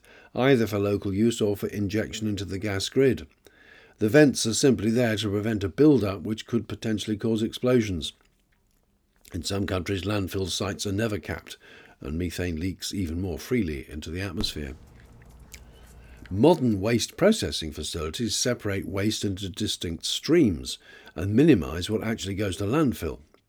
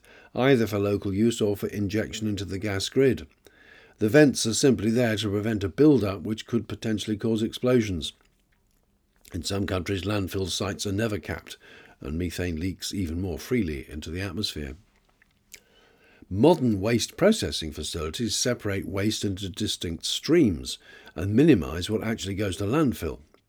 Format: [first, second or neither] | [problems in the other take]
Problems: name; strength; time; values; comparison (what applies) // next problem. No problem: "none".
second | dog barking; faint; from 14 to 16 s; peak 15 dB below the speech